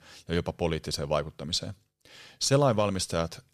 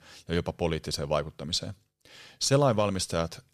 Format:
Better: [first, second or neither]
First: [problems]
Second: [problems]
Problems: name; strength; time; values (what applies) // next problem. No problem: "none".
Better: neither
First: none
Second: none